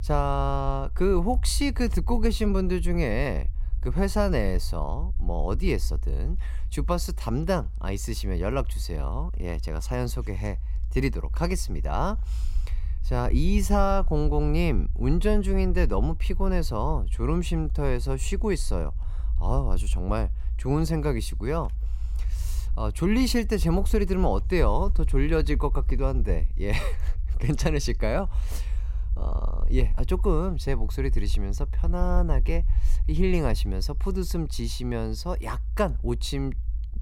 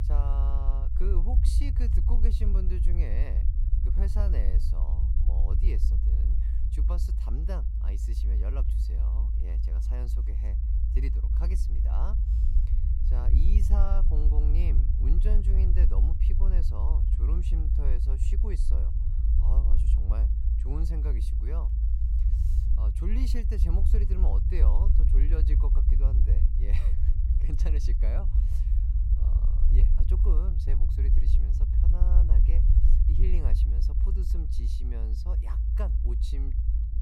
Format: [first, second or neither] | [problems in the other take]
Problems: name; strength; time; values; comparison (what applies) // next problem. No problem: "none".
first | low rumble; loud; throughout; 1 dB below the speech; faint in the first